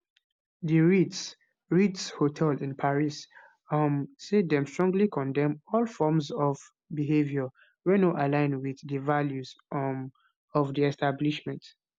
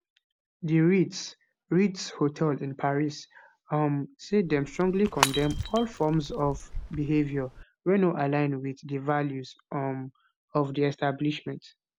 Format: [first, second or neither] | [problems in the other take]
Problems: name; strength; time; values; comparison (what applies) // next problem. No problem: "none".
first | background sound (Shatter / Crushing); 7 dB below the speech